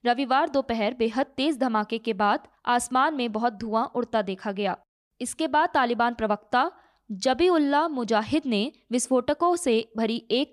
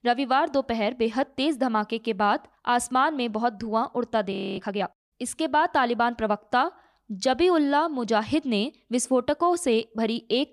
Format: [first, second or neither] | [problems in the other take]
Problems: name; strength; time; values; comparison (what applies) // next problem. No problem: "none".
first | audio freezing; at 4.5 s